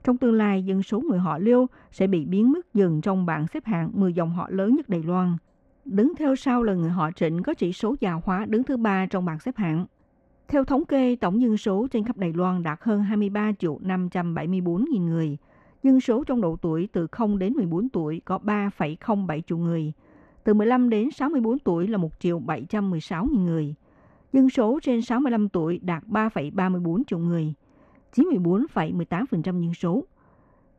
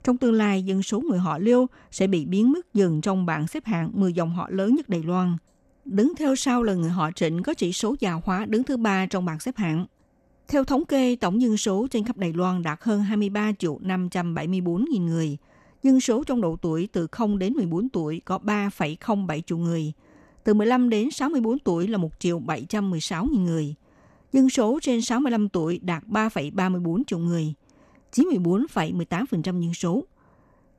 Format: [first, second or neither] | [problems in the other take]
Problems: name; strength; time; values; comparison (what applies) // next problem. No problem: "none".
second | muffled; very; fading above 4 kHz